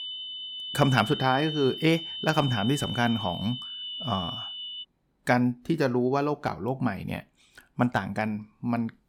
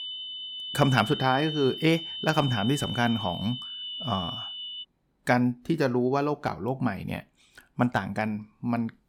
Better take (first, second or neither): neither